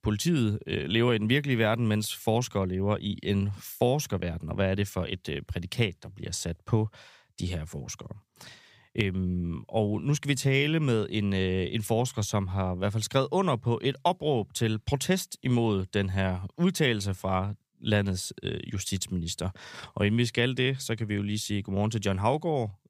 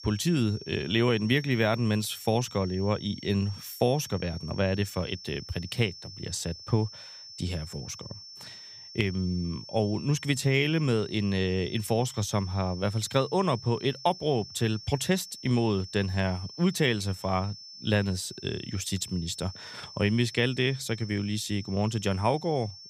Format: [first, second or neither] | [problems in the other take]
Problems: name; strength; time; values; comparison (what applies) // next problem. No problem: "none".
first | high-pitched whine; noticeable; throughout; 5.5 kHz, 15 dB below the speech